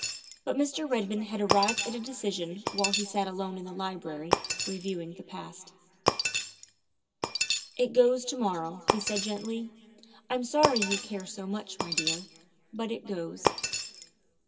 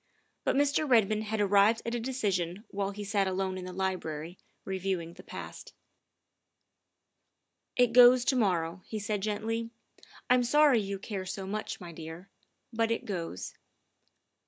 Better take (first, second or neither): second